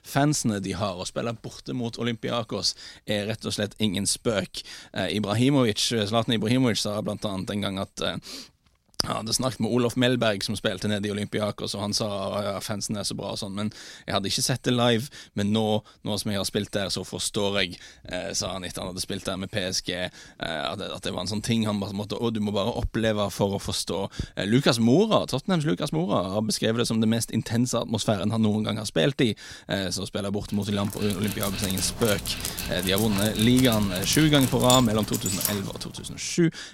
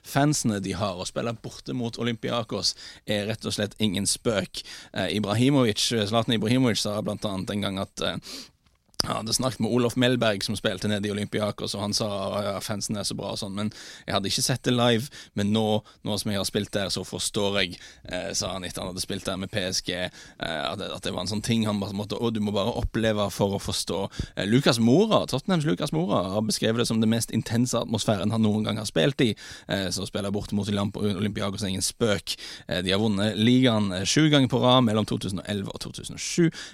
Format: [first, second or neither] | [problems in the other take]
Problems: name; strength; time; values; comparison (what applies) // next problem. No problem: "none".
second | dog barking; noticeable; from 31 to 36 s; peak level with the speech